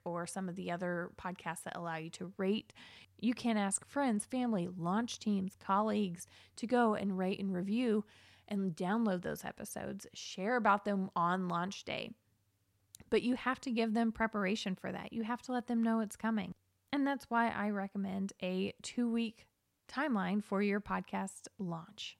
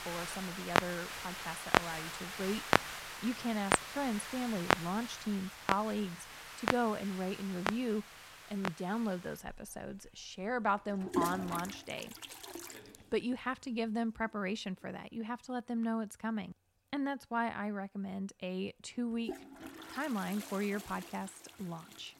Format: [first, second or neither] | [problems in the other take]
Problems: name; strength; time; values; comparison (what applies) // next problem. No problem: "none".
first | household noises; very loud; throughout; as loud as the speech